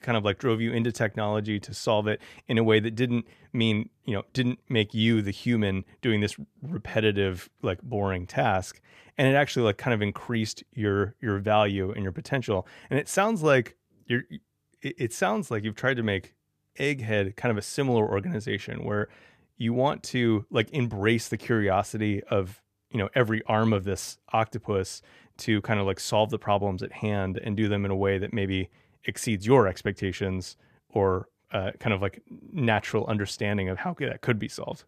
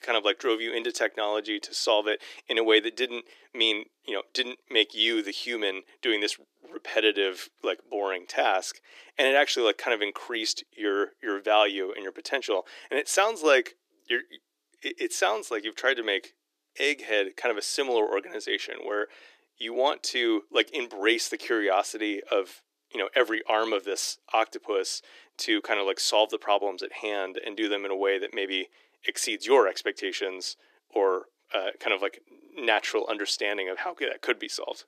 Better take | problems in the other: first | thin; very; fading below 300 Hz

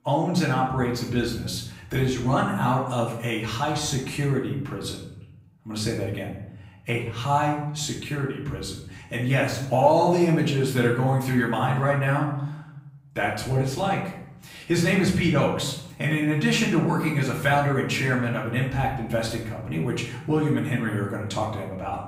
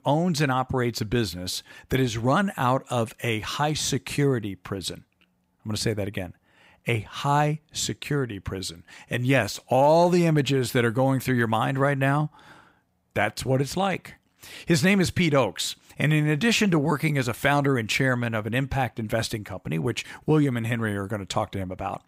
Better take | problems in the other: second | off-mic speech; far // room echo; noticeable; dies away in 0.7 s

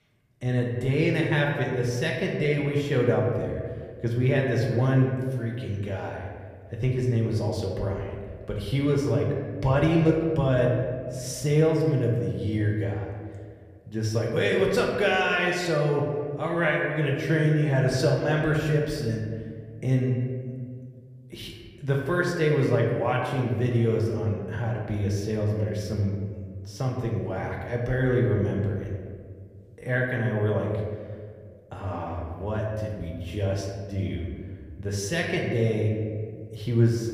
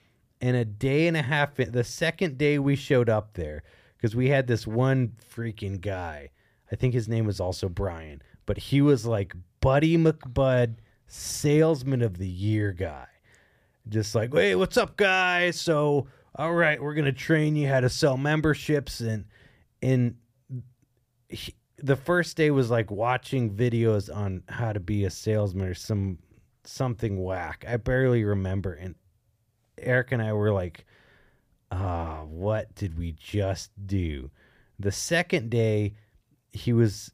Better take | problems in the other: second | room echo; noticeable; dies away in 1.6 s // off-mic speech; somewhat distant

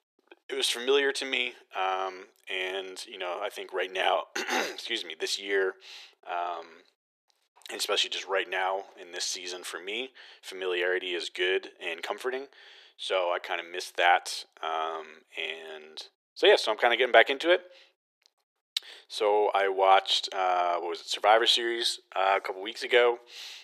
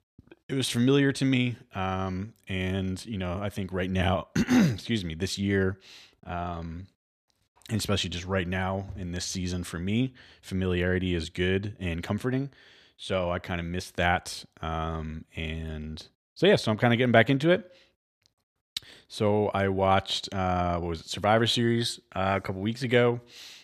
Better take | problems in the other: second | thin; very; fading below 400 Hz

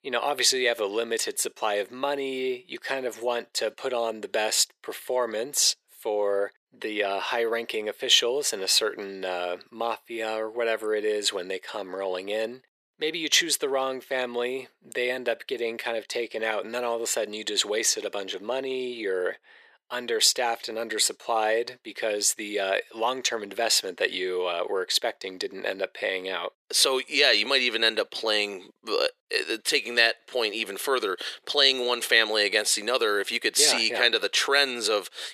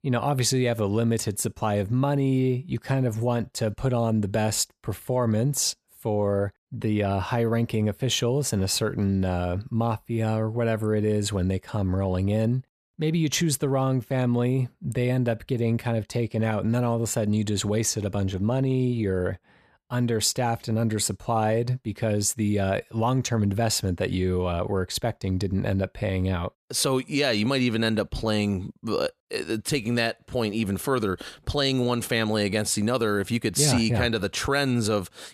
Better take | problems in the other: second | thin; very; fading below 400 Hz

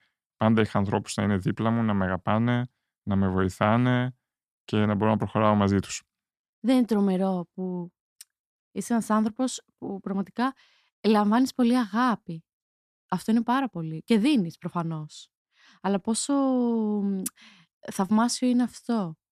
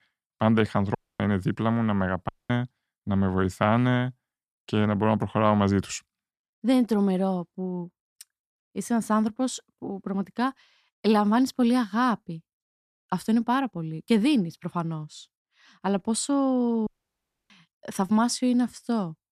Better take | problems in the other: first | audio cutting out; at 1 s, at 2.5 s and at 17 s for 0.5 s

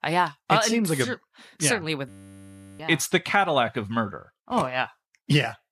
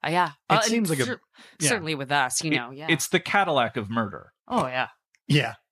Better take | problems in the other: second | audio freezing; at 2 s for 0.5 s

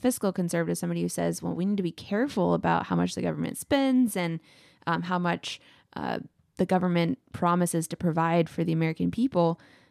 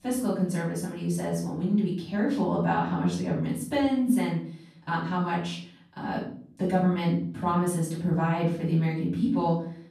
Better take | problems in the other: first | off-mic speech; far // room echo; noticeable; dies away in 0.5 s

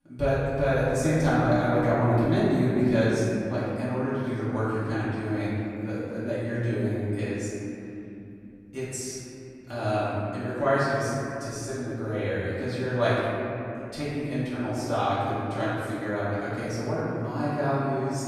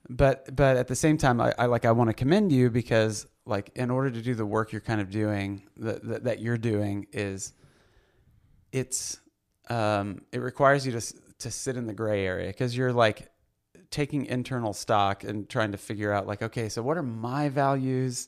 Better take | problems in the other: second | off-mic speech; far // room echo; strong; dies away in 3 s

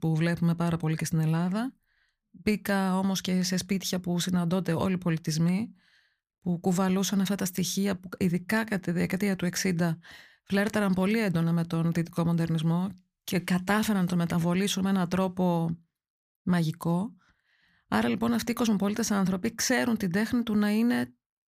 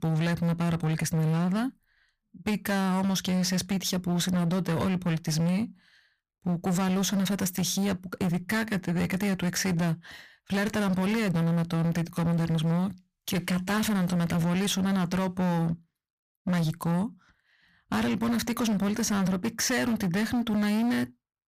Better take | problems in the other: first | distortion; slight; 25% of the sound clipped

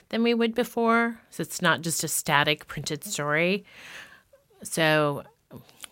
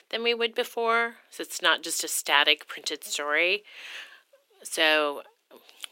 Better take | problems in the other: first | thin; very; fading below 300 Hz

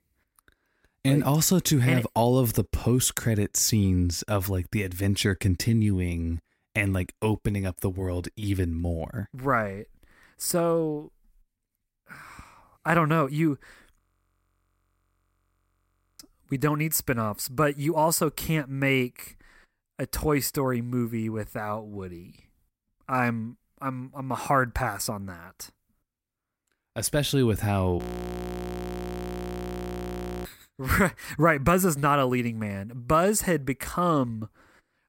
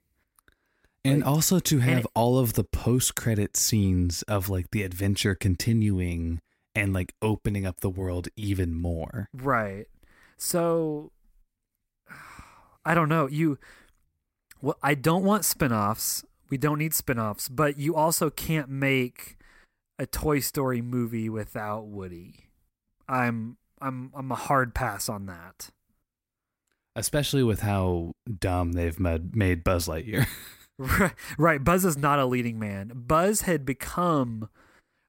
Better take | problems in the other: second | audio freezing; at 14 s for 2 s and at 28 s for 2.5 s

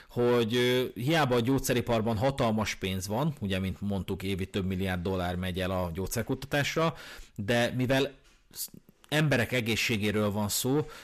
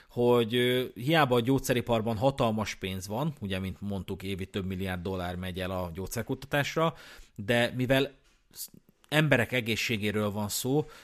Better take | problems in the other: second | distortion; slight; 10 dB below the speech

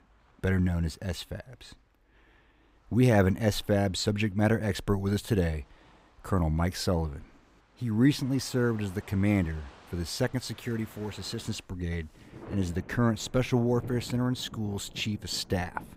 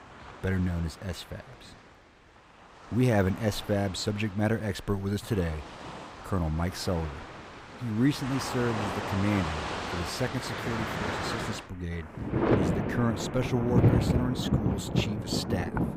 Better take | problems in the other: first | rain or running water; loud; throughout; as loud as the speech; faint in the first

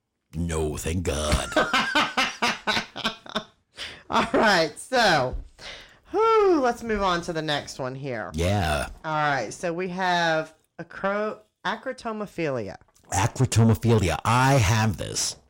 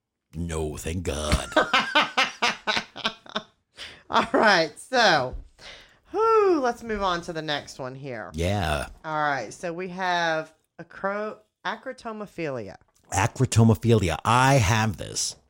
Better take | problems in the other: second | distortion; slight; 10 dB below the speech

